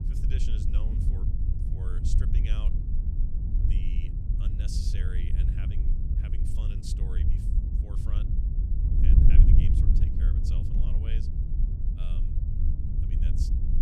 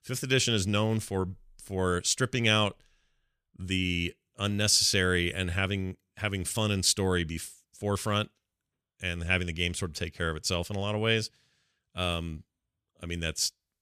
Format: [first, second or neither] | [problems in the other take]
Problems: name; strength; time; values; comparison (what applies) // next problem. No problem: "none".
second | wind noise on the microphone; heavy; 3 dB above the speech